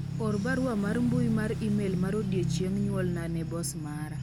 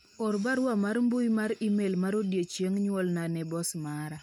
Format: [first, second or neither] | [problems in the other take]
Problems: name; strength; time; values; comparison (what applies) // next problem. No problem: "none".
second | background sound (Motorcycle / Engine); 2 dB below the speech